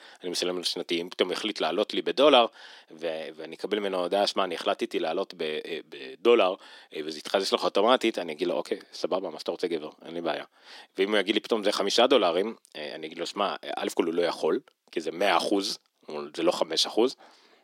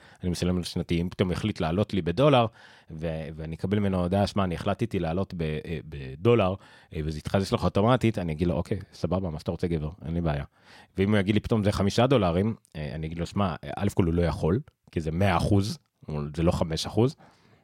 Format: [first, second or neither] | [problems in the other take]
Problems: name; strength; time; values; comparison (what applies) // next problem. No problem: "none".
second | thin; somewhat; fading below 300 Hz